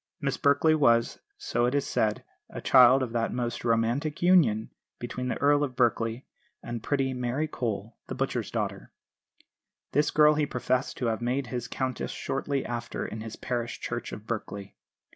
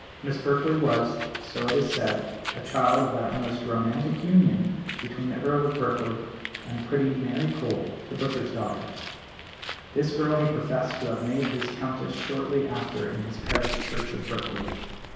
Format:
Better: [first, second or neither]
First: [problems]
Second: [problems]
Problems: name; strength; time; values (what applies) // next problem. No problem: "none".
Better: first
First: none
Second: background sound (Bird); 10 dB below the speech // room echo; dies away in 1.2 s